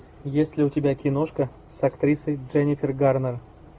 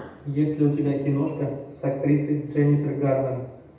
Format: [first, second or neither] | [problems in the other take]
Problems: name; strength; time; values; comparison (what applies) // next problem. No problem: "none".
first | room echo; dies away in 0.8 s